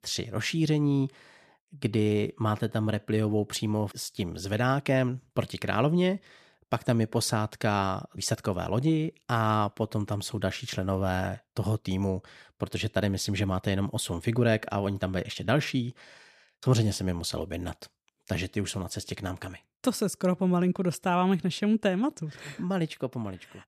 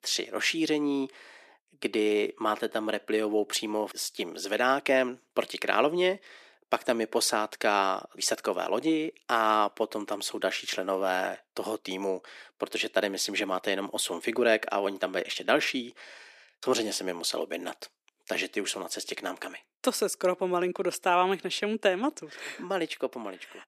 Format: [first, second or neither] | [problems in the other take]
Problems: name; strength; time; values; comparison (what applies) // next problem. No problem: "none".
first | thin; somewhat; fading below 300 Hz